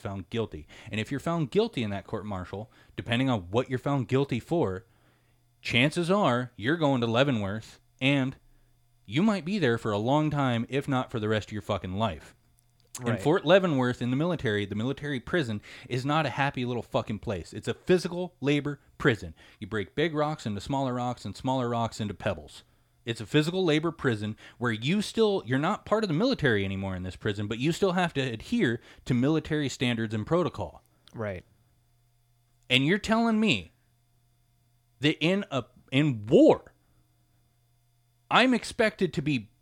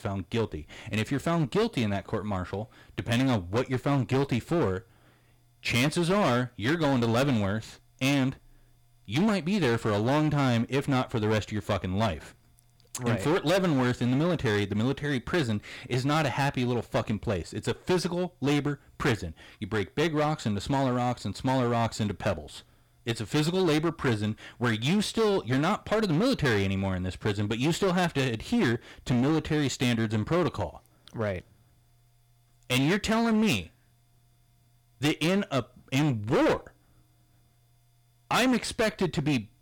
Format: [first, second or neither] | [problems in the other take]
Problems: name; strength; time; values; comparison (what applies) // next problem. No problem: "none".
first | distortion; heavy; 13% of the sound clipped